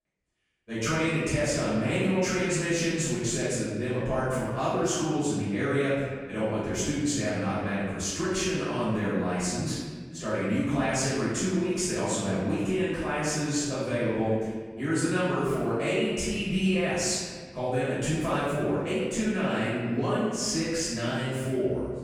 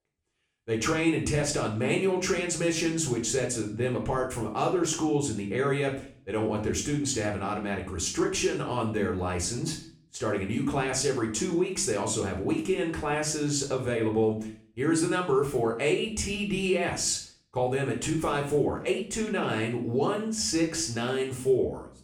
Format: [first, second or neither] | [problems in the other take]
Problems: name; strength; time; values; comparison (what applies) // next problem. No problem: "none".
second | room echo; strong; dies away in 1.5 s; slight in the second // off-mic speech; far; somewhat distant in the second